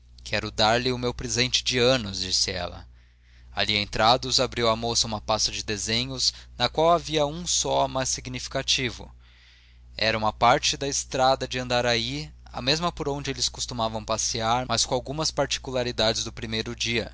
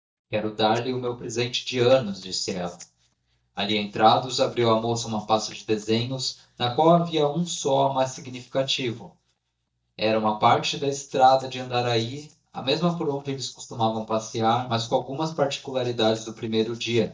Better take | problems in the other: first | noise reduction (neural mask model DeepFilterNet 3)

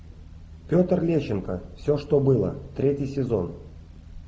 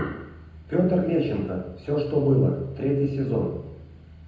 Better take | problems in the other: first | room echo; dies away in 0.8 s

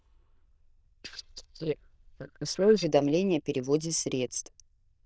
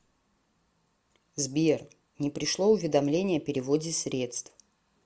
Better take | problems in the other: second | noise reduction (neural diffusion model UNIVERSE++)

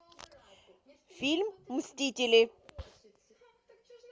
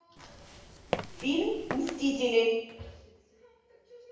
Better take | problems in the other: first | background sound (Walk, footsteps); 8 dB below the speech // room echo; dies away in 0.8 s

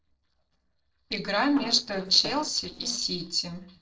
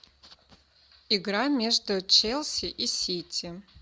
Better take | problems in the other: second | noise reduction (neural separator model SepFormer DNS4)

